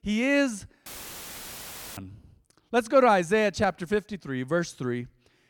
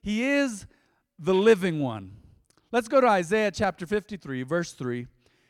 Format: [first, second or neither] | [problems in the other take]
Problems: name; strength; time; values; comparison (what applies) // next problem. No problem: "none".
second | audio cutting out; filled with static; at 1 s for 1 s